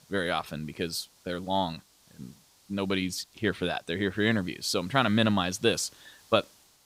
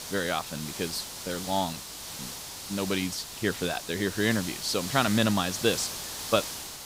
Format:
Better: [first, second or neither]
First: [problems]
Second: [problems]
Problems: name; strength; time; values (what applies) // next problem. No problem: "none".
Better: first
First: hiss; faint; throughout; 30 dB below the speech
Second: hiss; loud; throughout; 6 dB below the speech